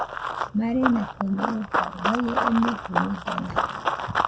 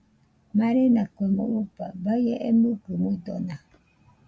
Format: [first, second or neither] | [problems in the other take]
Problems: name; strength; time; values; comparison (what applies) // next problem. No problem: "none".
second | background sound (Run); as loud as the speech